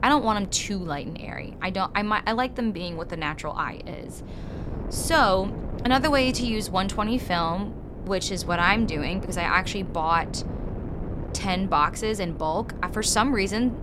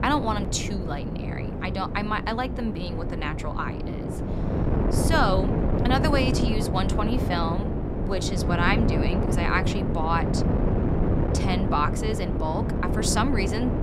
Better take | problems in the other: first | wind noise on the microphone; heavy; 5 dB below the speech; occasional gusts in the first

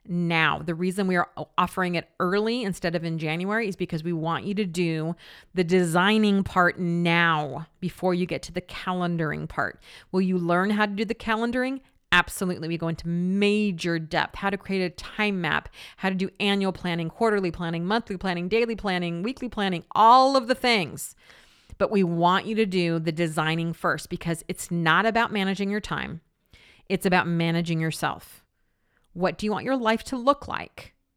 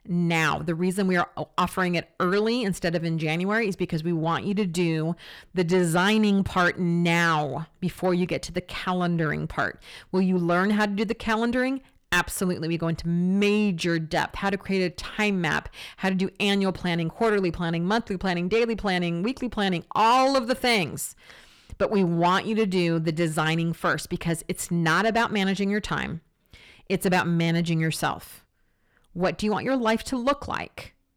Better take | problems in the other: first | distortion; slight; 10 dB below the speech

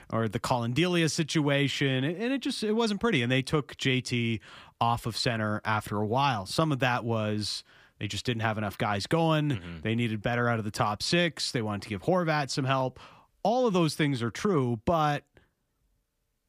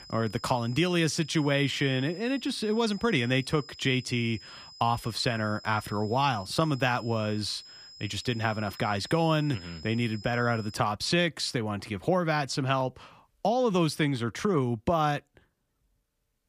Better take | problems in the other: first | high-pitched whine; noticeable; until 11 s; 5 kHz, 20 dB below the speech

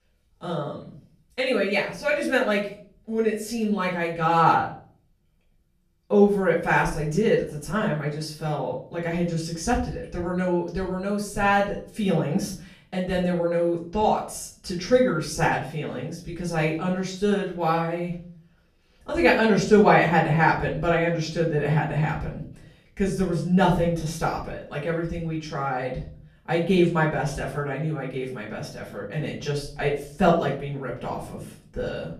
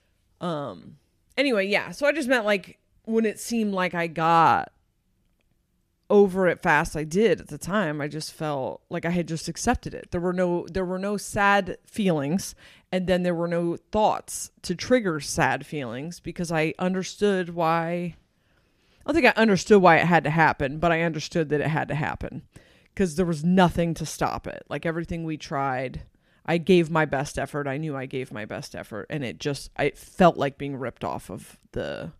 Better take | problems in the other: second | off-mic speech; far // room echo; slight; dies away in 0.4 s

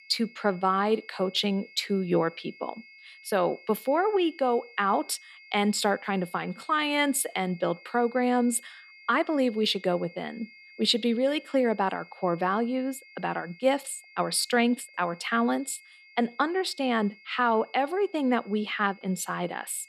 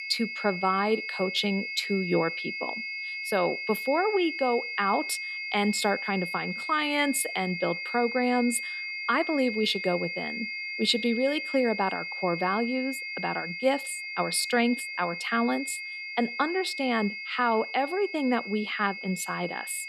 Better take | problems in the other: first | high-pitched whine; loud; throughout; 2 kHz, 5 dB below the speech; faint in the first

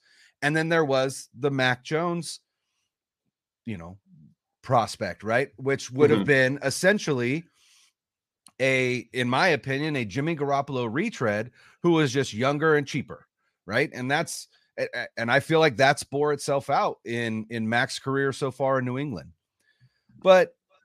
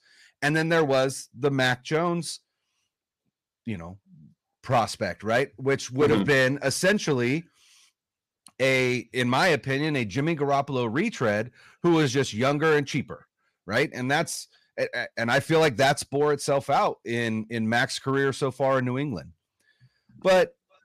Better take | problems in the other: first | distortion; slight; 4% of the sound clipped

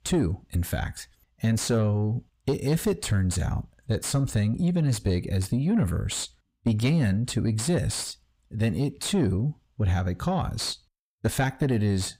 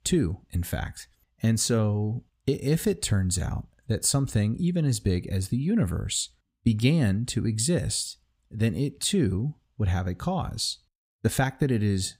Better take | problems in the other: second | distortion; slight; 10 dB below the speech

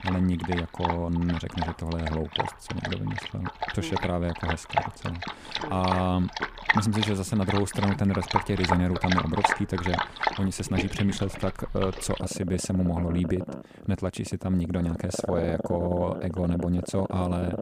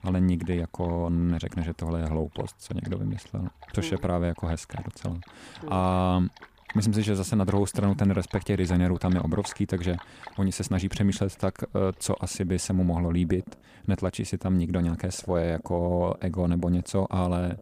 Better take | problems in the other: second | animal sounds; loud; throughout; 4 dB below the speech; faint in the second

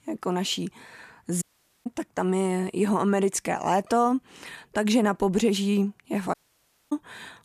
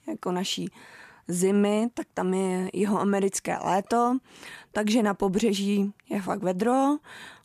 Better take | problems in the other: second | audio cutting out; at 1.5 s and at 6.5 s for 0.5 s

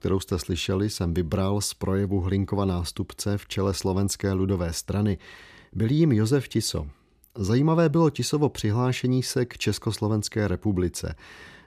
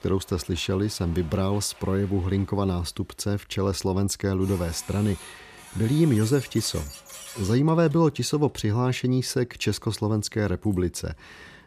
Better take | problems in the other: first | household noises; noticeable; throughout; 20 dB below the speech

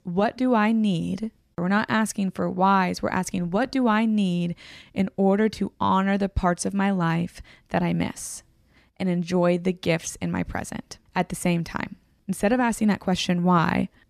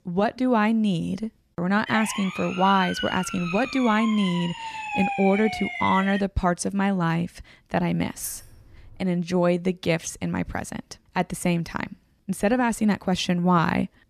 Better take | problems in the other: first | siren; noticeable; from 2 to 6 s; peak 3 dB below the speech // jangling keys; faint; at 8 s; peak 10 dB below the speech

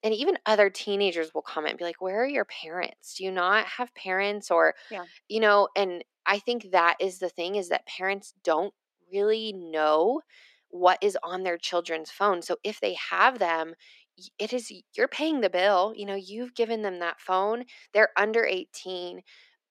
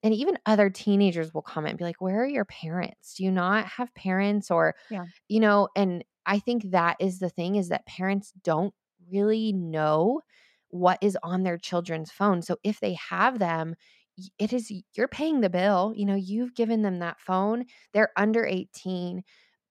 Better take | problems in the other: second | thin; somewhat; fading below 300 Hz

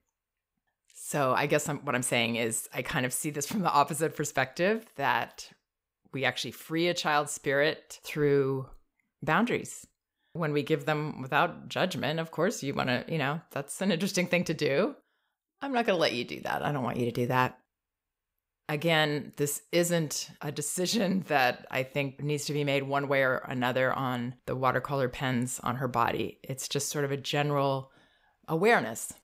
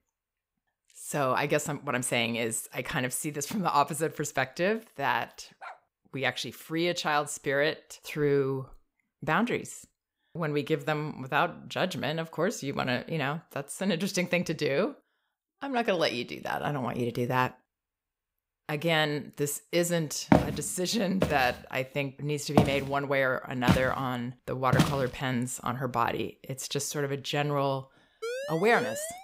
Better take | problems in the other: first | dog barking; faint; at 5.5 s; peak 15 dB below the speech // footsteps; loud; from 20 to 25 s; peak 5 dB above the speech // siren; noticeable; from 28 s on; peak 6 dB below the speech

